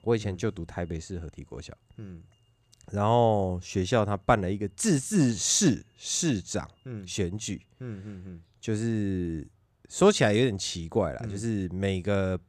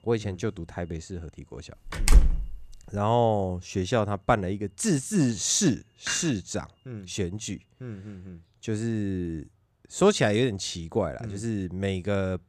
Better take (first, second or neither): first